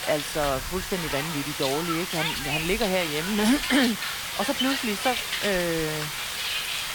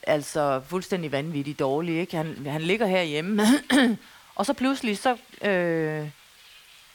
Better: second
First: hiss; loud; throughout; 1 dB below the speech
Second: hiss; faint; throughout; 25 dB below the speech

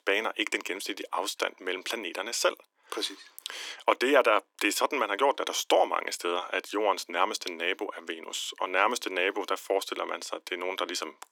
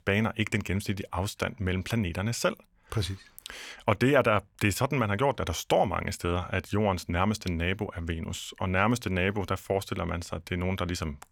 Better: second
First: thin; very; fading below 300 Hz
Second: none

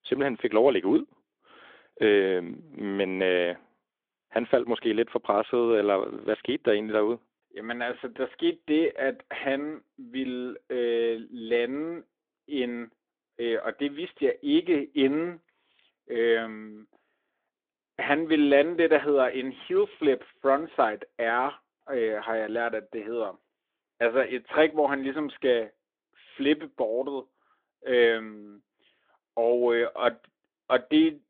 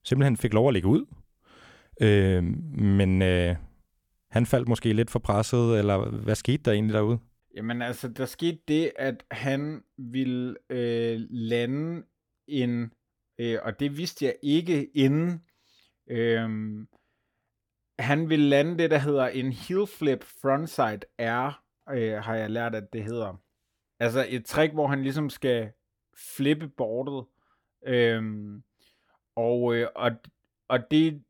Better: second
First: phone-call audio; nothing above 3.5 kHz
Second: none

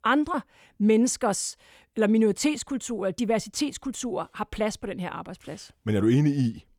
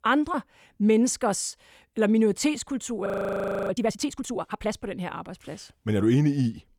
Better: first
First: none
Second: audio freezing; at 3 s for 0.5 s

